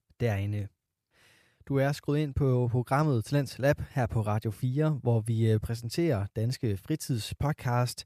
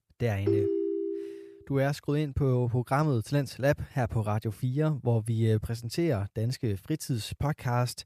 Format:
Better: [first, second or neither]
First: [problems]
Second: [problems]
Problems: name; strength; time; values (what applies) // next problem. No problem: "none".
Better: first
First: none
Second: phone ringing; loud; at 0.5 s; peak 2 dB above the speech